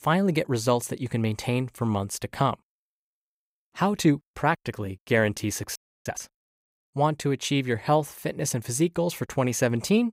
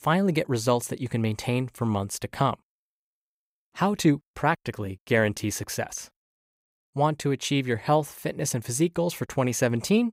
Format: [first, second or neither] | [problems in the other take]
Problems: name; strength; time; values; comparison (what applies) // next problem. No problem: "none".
second | audio freezing; at 6 s